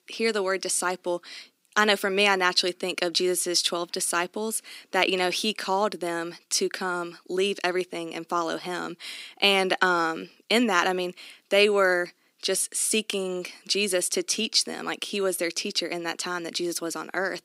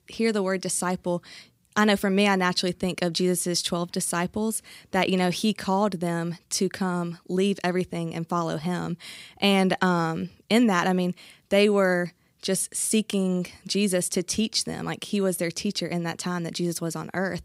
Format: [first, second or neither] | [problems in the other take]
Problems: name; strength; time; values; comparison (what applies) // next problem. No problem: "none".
second | thin; somewhat; fading below 300 Hz